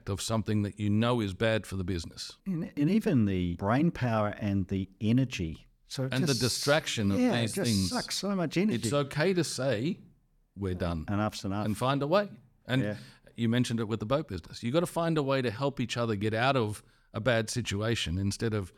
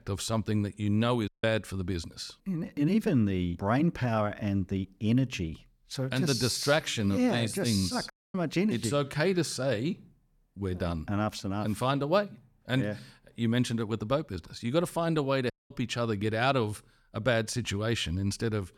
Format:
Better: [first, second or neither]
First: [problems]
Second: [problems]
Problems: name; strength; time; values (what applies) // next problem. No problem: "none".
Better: first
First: none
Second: audio cutting out; at 1.5 s, at 8 s and at 16 s